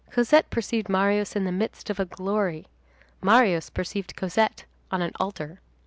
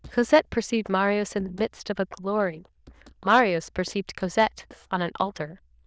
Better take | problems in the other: first | noise reduction (neural diffusion model UNIVERSE++)

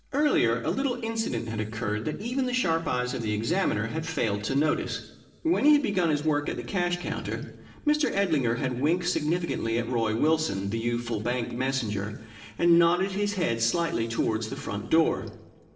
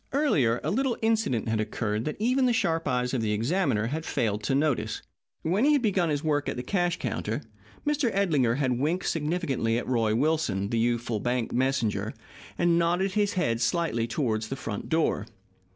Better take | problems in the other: second | room echo; dies away in 1.2 s

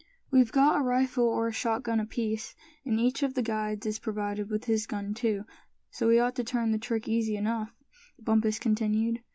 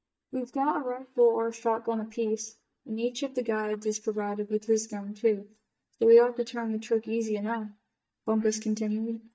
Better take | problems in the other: first | noise reduction (neural mask model DeepFilterNet 3)

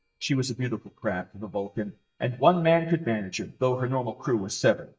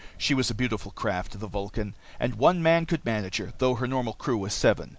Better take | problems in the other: second | noise reduction (neural mask model DeepFilterNet 3)

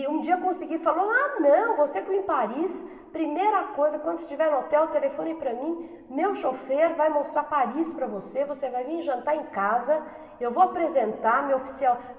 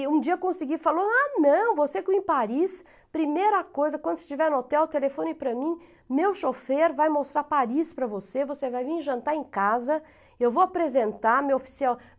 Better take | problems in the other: second | room echo; dies away in 1.7 s

